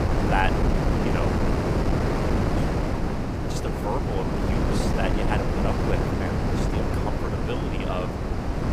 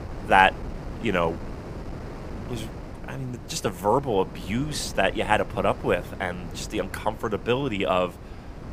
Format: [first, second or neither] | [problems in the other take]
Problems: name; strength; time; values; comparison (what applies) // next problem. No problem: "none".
second | wind noise on the microphone; heavy; 2 dB above the speech; occasional gusts in the second